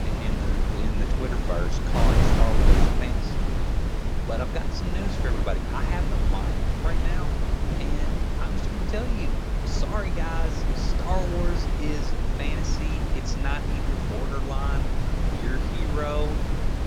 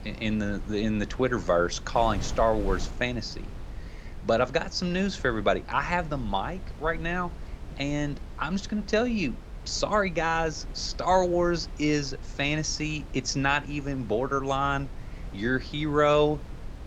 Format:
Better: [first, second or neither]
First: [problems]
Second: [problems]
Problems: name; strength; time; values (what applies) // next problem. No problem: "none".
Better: second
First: wind noise on the microphone; heavy; 1 dB above the speech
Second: wind noise on the microphone; occasional gusts; 20 dB below the speech